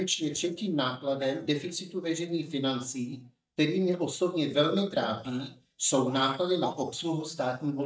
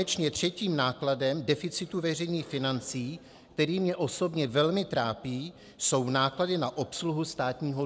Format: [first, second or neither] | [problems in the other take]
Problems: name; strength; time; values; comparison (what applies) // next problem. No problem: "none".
second | noise reduction (neural mask model DeepFilterNet 3)